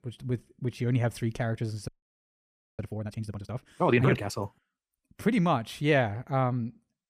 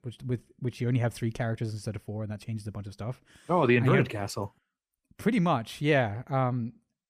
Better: second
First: audio freezing; at 2 s for 1 s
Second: none

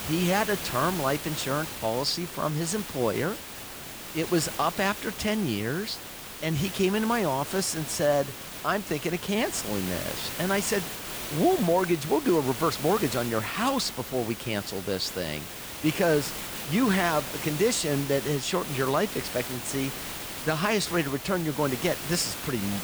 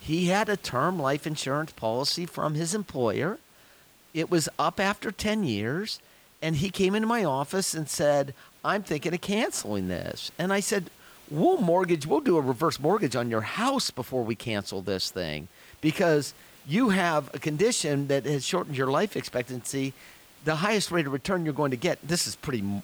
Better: second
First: hiss; loud; throughout; 7 dB below the speech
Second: hiss; faint; throughout; 25 dB below the speech

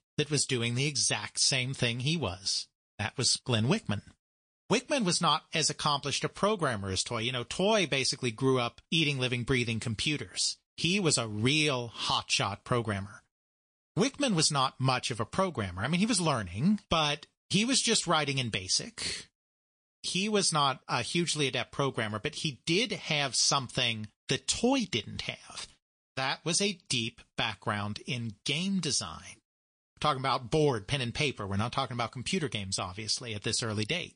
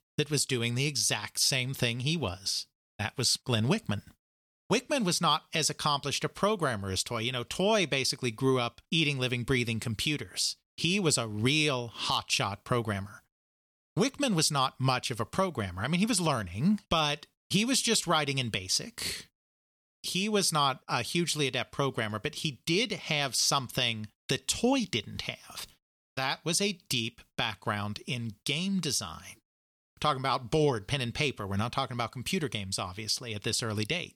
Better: second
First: garbled, watery; slightly; nothing above 10 kHz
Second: none

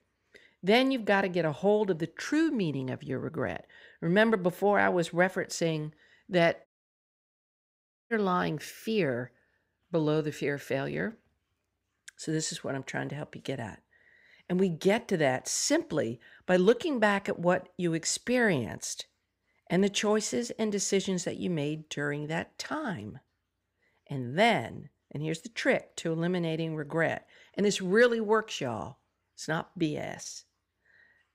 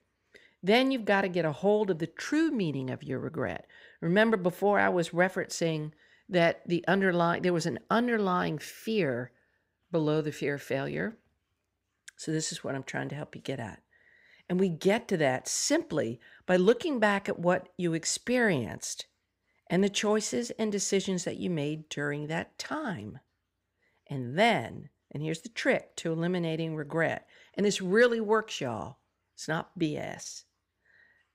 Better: second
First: audio cutting out; at 6.5 s for 1.5 s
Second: none

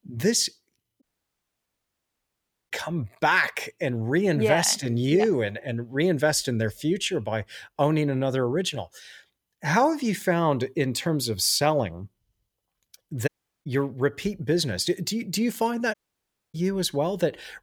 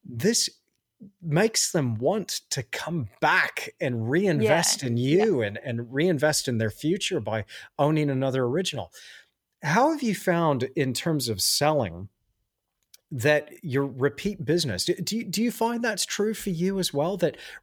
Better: second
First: audio cutting out; at 1 s for 1.5 s, at 13 s and at 16 s for 0.5 s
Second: none

